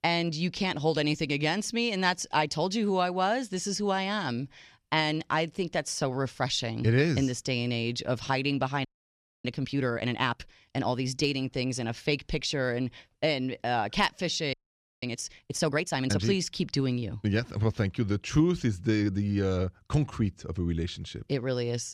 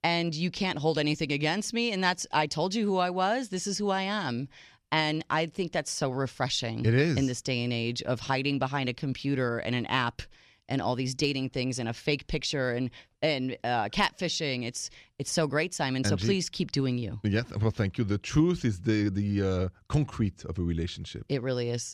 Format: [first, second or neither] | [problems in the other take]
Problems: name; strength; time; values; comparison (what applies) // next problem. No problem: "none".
second | audio freezing; at 9 s for 0.5 s and at 15 s